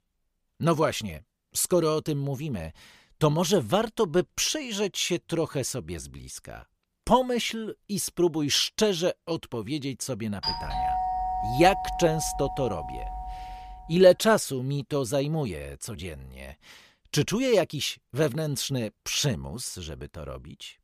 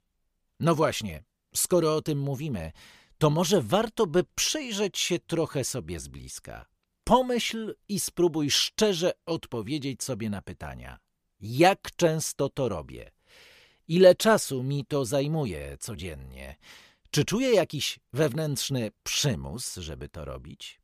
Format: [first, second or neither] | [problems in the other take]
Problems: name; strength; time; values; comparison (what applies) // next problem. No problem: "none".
second | doorbell; noticeable; from 10 to 14 s; peak 1 dB below the speech